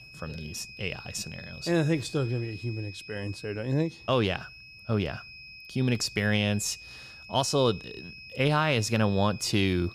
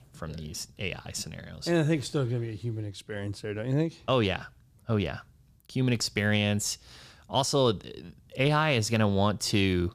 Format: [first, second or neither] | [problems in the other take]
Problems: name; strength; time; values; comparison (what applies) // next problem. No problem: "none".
second | high-pitched whine; noticeable; throughout; 2.5 kHz, 15 dB below the speech